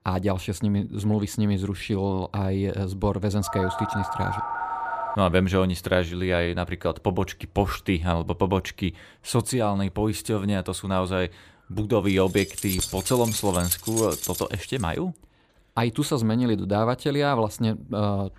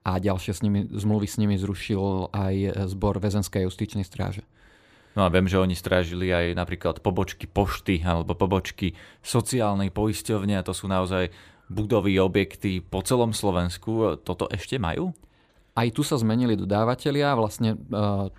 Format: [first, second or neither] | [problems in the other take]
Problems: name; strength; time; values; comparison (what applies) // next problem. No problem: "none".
second | phone ringing; noticeable; from 3.5 to 5 s; peak 3 dB below the speech // jangling keys; noticeable; from 12 to 15 s; peak 1 dB below the speech